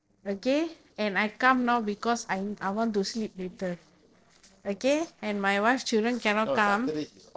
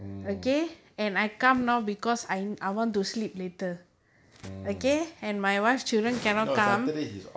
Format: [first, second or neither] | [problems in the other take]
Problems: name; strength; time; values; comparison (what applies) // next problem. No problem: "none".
second | noise reduction (neural separator model SepFormer DNS4)